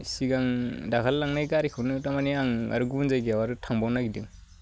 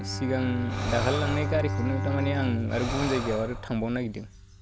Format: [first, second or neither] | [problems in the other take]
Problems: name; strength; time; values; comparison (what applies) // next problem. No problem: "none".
first | background sound (Bowed string instrument + Breathing); 1 dB below the speech